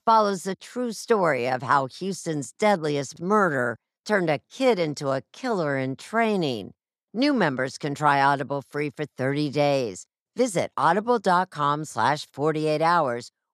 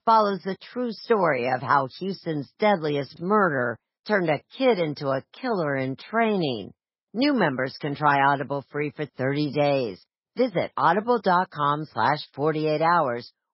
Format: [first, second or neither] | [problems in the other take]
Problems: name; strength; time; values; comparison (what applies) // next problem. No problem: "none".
first | garbled, watery; badly; nothing above 5.5 kHz